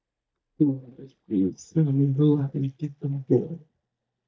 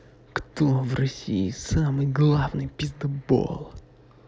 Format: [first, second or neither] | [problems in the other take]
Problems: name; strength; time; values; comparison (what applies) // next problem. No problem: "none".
second | noise reduction (neural mask model DeepFilterNet 3)